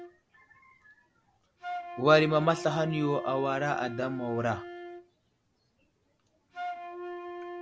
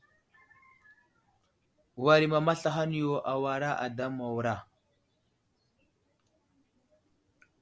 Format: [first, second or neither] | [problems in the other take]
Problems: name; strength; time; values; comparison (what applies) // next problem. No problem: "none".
second | background sound (Wind instrument, woodwind instrument); 11 dB below the speech